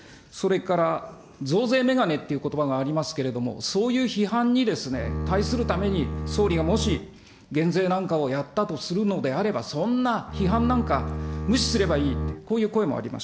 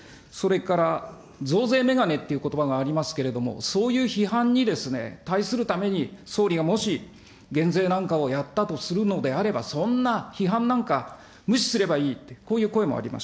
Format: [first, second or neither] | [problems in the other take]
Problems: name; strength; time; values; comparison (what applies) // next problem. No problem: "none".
second | background sound (Bowed string instrument); 4 dB below the speech